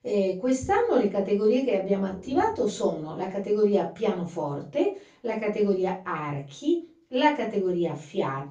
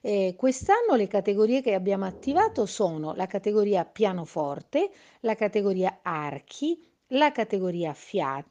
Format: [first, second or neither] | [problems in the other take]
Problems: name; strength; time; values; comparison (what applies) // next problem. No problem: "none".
second | room echo; slight; dies away in 0.3 s // off-mic speech; far